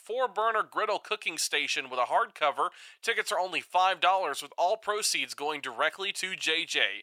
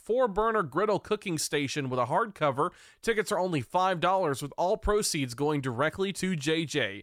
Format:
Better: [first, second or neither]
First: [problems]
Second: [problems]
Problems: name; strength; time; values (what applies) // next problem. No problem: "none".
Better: second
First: thin; very; fading below 650 Hz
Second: none